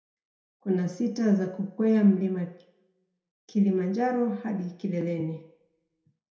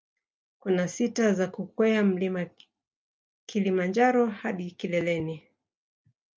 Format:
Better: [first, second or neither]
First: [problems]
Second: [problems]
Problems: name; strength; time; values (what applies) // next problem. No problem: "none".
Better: second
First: room echo; dies away in 0.6 s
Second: none